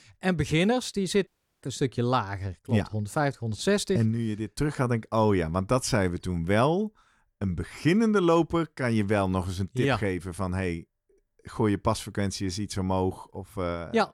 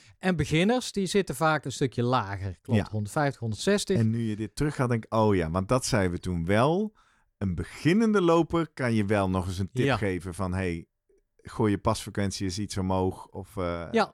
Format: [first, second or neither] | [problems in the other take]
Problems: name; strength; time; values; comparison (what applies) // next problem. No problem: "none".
second | audio cutting out; at 1.5 s